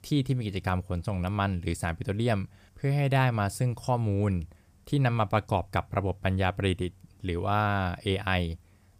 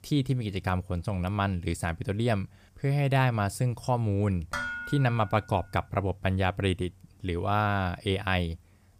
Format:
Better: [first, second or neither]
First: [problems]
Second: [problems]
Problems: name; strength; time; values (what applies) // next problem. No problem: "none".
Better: first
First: none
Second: clattering dishes; noticeable; at 4.5 s; peak 4 dB below the speech